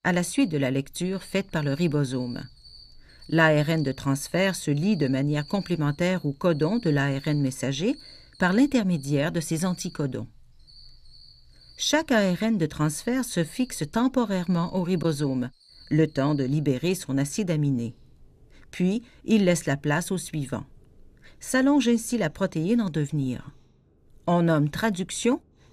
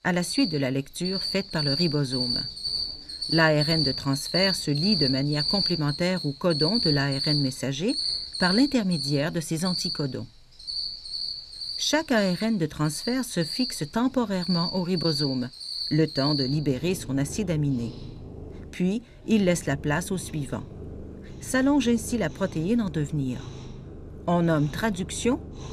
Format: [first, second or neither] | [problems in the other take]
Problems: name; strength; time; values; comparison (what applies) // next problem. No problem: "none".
first | animal sounds; loud; throughout; 3 dB below the speech; faint in the first